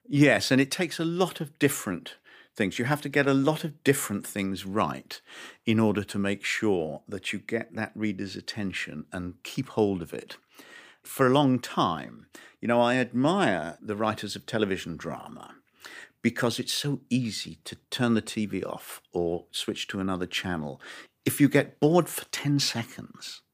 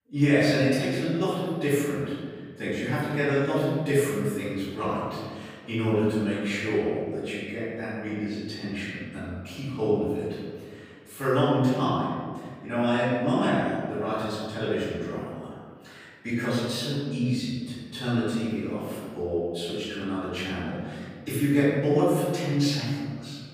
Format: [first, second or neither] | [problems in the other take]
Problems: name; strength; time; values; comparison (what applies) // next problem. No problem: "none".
first | off-mic speech; far // room echo; strong; dies away in 1.8 s